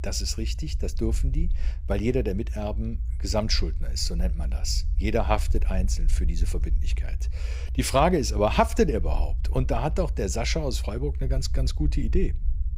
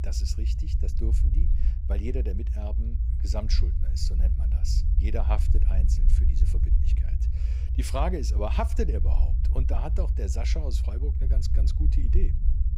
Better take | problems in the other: first | low rumble; loud; throughout; 8 dB below the speech; faint in the first

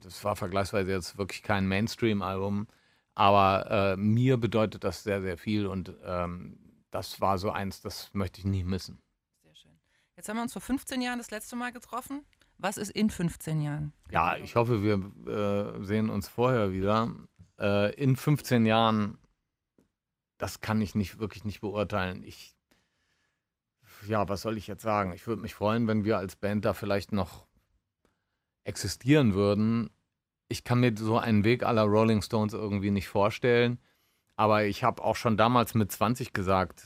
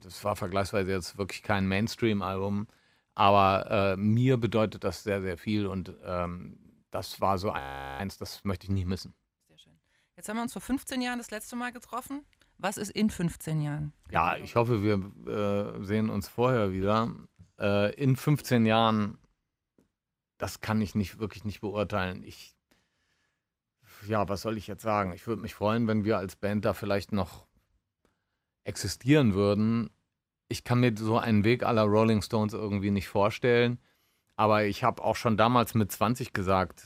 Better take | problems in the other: first | audio freezing; at 7.5 s

